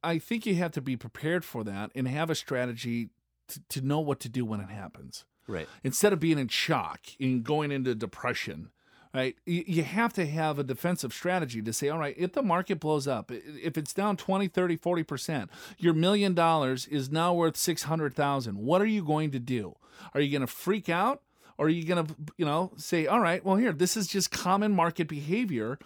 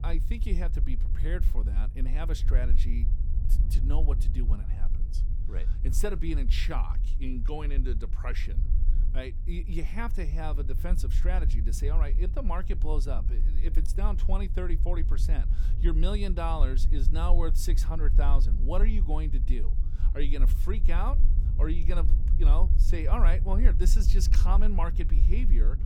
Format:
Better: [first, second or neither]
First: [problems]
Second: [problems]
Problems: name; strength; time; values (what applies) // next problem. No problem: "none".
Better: first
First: none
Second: low rumble; noticeable; throughout; 10 dB below the speech